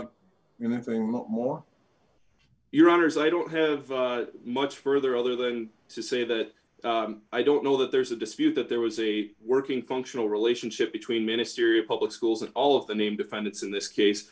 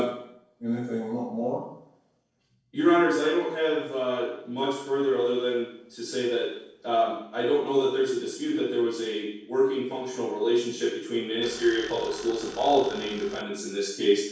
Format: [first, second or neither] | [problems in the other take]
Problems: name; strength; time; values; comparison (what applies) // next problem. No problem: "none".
first | noise reduction (neural separator model SepFormer DNS4)